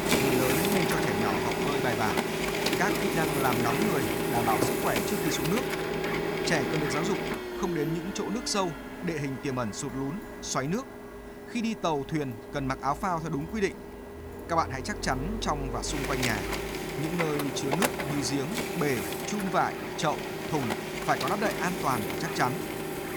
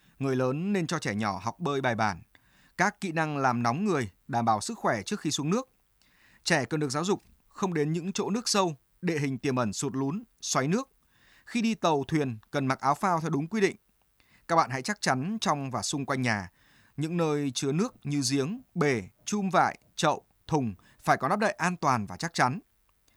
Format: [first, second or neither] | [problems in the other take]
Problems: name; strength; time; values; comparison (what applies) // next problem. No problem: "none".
second | household noises; very loud; throughout; 1 dB above the speech